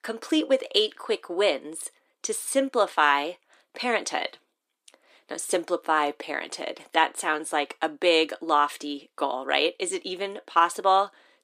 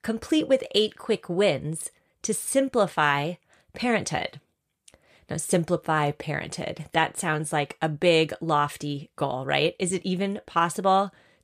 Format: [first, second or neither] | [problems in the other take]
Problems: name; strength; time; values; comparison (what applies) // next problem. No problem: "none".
second | thin; somewhat; fading below 250 Hz